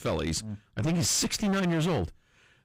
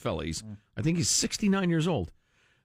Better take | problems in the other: second | distortion; heavy; 24% of the sound clipped

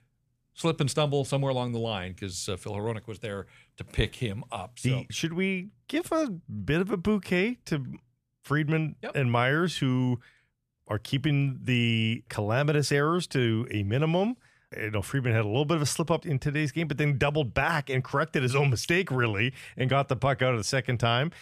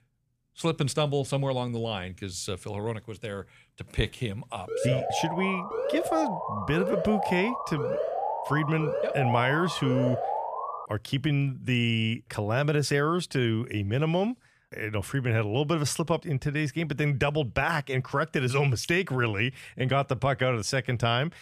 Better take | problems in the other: first | alarm; noticeable; from 4.5 to 11 s; peak 1 dB below the speech

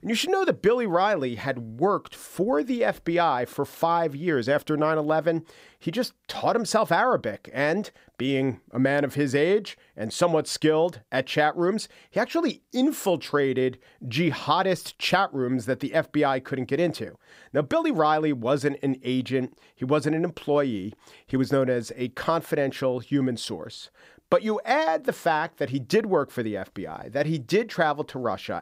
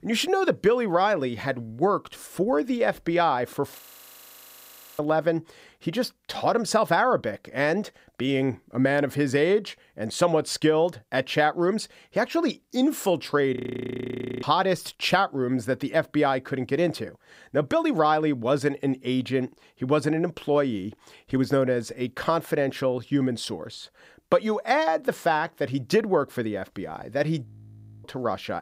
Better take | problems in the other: first | audio freezing; at 4 s for 1 s, at 14 s for 1 s and at 27 s for 0.5 s

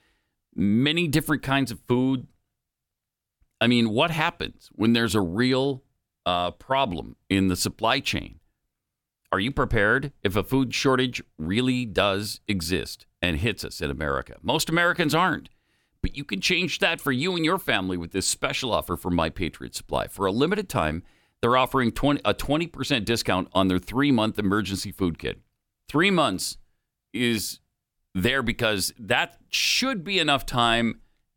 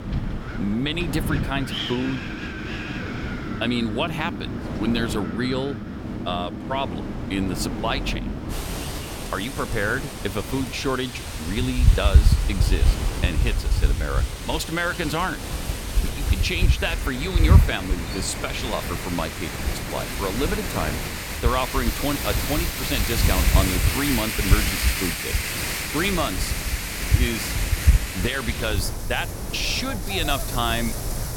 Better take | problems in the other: first | wind in the background; very loud; throughout; 2 dB above the speech

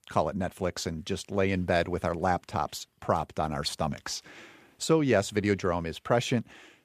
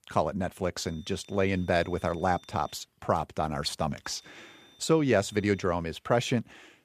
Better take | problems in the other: first | high-pitched whine; faint; from 1 to 3 s and from 4 to 5.5 s; 3.5 kHz, 25 dB below the speech

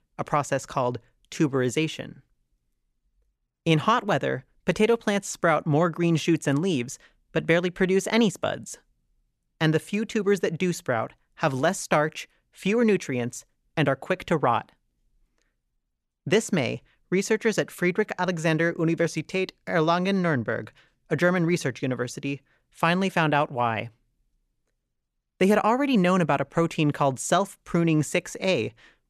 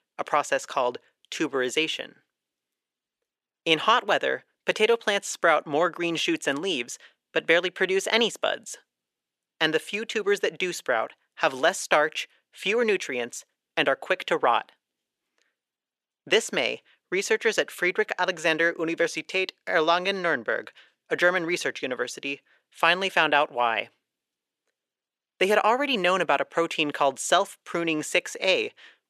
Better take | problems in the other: first | thin; somewhat; fading below 450 Hz

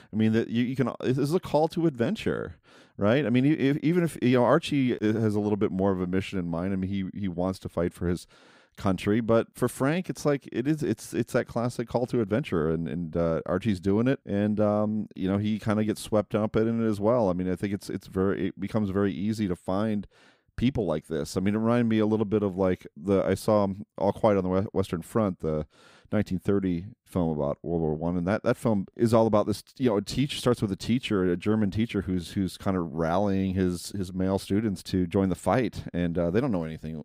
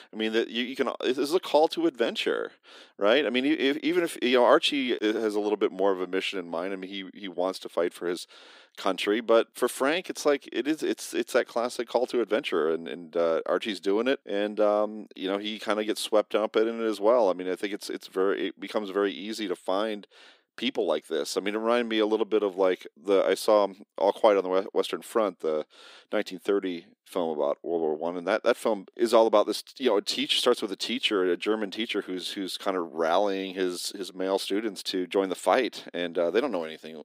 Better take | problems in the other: first | thin; somewhat; fading below 300 Hz

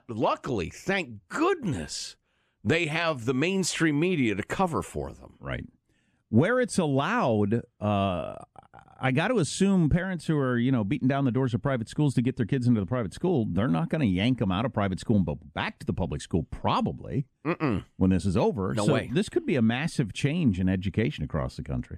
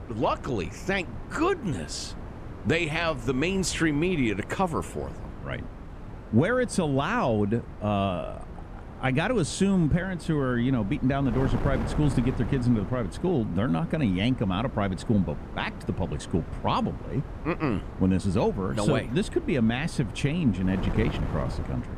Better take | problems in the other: first | wind noise on the microphone; occasional gusts; 15 dB below the speech

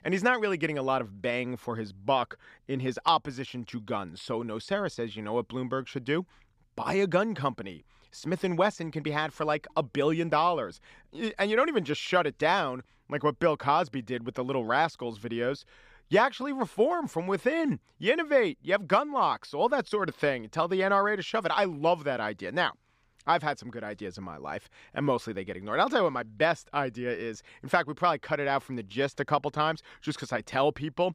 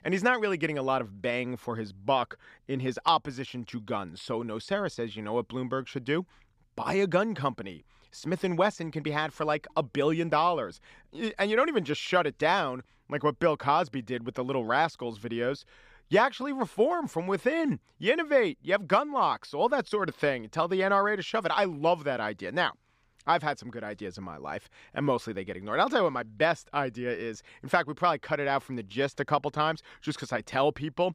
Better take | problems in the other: neither | none

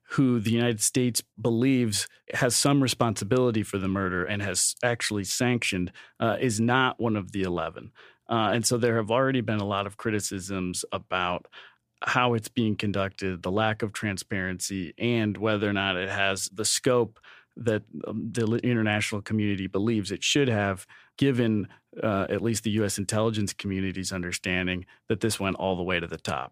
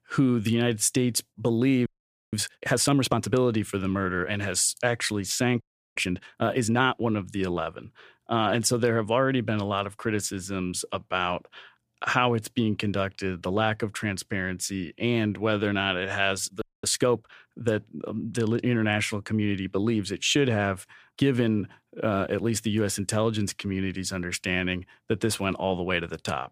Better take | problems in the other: first | audio freezing; at 2 s, at 5.5 s and at 17 s

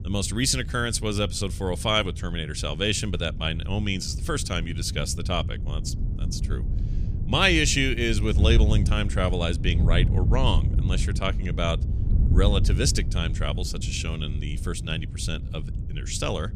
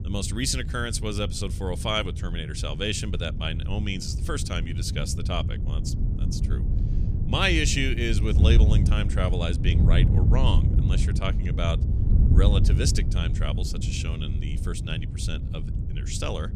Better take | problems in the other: first | wind noise on the microphone; heavy; 9 dB below the speech; occasional gusts in the first

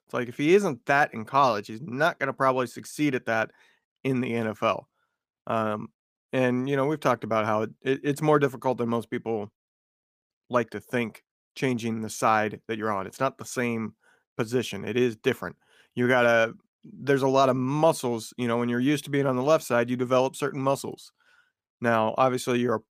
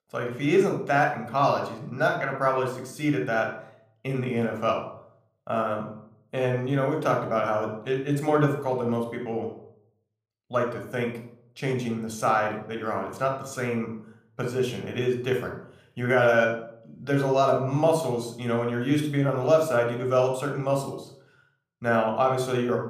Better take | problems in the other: first | room echo; slight; dies away in 0.5 s

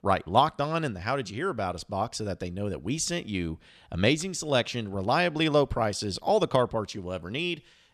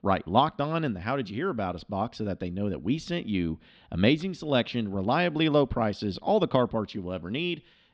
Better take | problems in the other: first | muffled; slightly; fading above 4 kHz

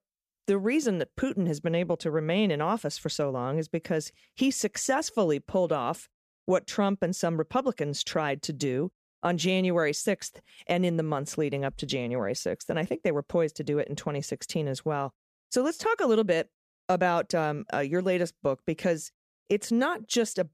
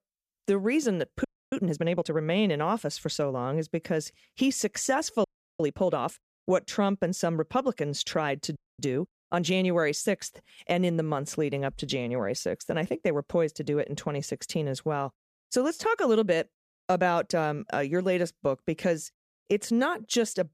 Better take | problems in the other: first | audio freezing; at 1.5 s, at 5 s and at 8.5 s

